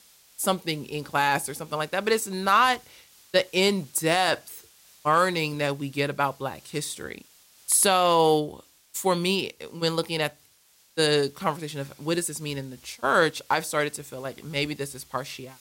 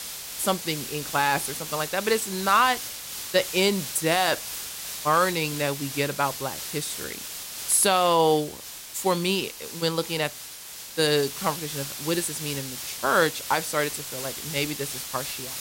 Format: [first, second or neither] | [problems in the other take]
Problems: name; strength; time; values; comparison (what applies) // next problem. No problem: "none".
first | hiss; loud; throughout; 8 dB below the speech; faint in the first